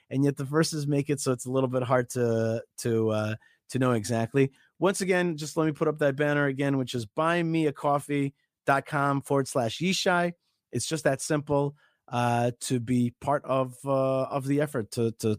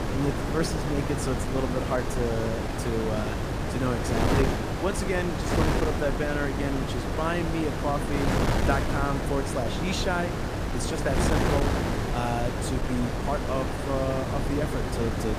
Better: first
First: none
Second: wind noise on the microphone; heavy; as loud as the speech

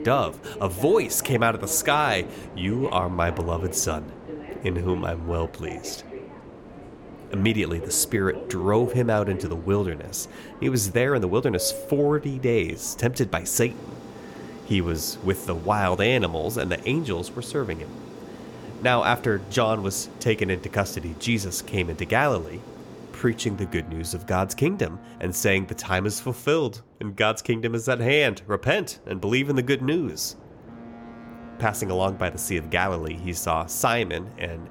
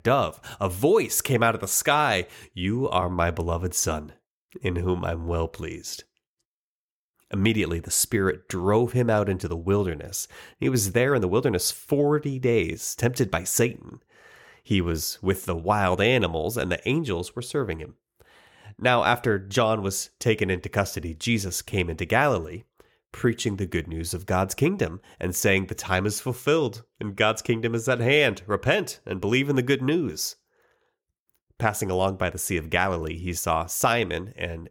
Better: second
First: train or aircraft noise; noticeable; throughout; 15 dB below the speech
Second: none

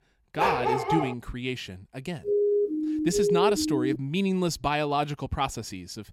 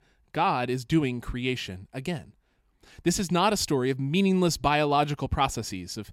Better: second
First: dog barking; loud; at 0.5 s; peak 4 dB above the speech // siren; loud; from 2.5 to 4 s; peak 5 dB above the speech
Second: none

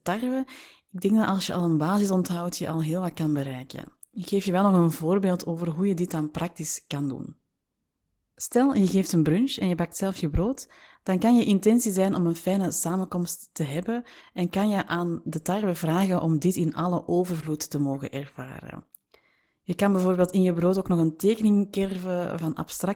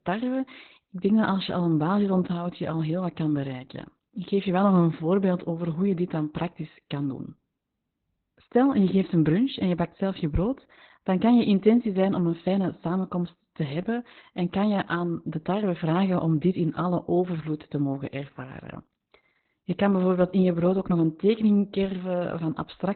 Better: first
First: garbled, watery; slightly; nothing above 18 kHz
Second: garbled, watery; badly; nothing above 4 kHz

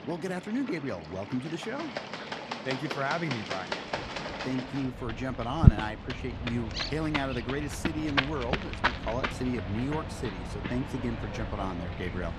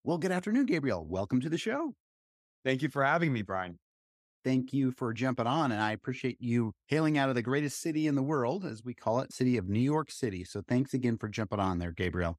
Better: second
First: animal sounds; very loud; throughout; 2 dB above the speech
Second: none

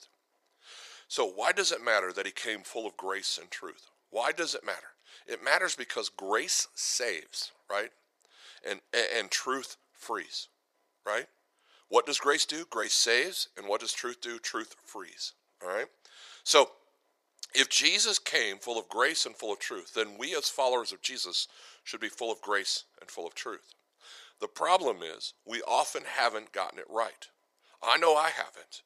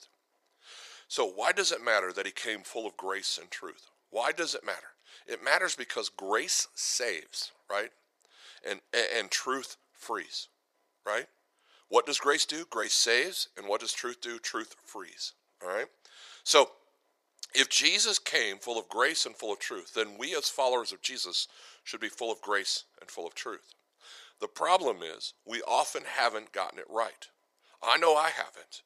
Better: neither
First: thin; very; fading below 450 Hz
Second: thin; very; fading below 450 Hz

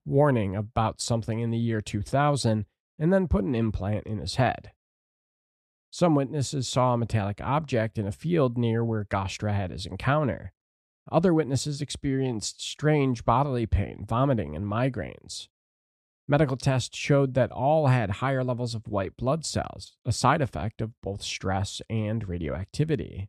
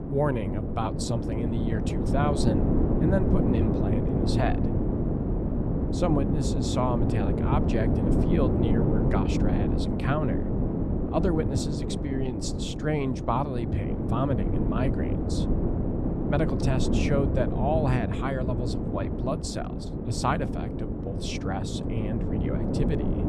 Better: first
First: none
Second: wind noise on the microphone; heavy; 1 dB below the speech

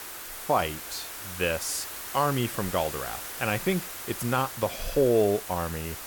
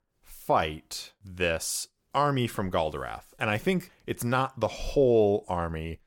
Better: second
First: hiss; loud; throughout; 8 dB below the speech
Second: none

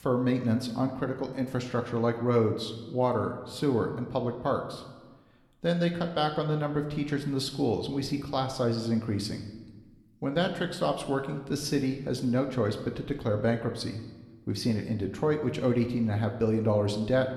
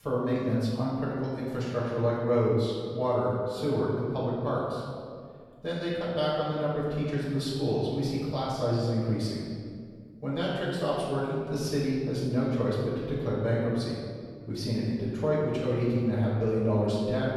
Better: first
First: room echo; slight; dies away in 0.9 s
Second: room echo; strong; dies away in 1.8 s // off-mic speech; far

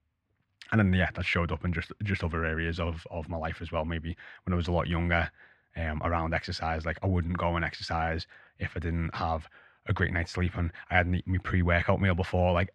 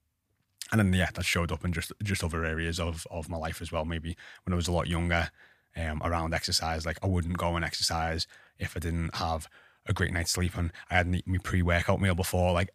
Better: second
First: muffled; slightly; fading above 2.5 kHz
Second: none

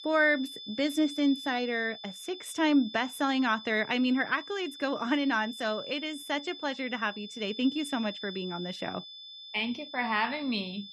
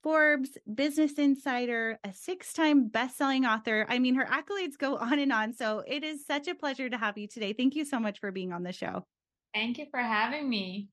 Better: second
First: high-pitched whine; noticeable; throughout; 3.5 kHz, 10 dB below the speech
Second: none

